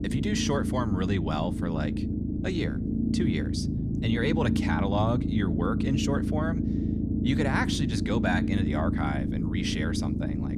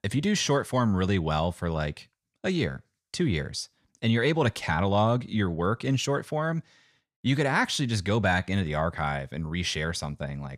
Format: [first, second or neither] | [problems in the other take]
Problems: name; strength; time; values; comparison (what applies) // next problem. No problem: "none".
second | low rumble; loud; throughout; 3 dB below the speech